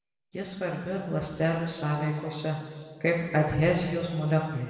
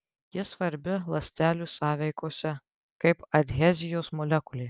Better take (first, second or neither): second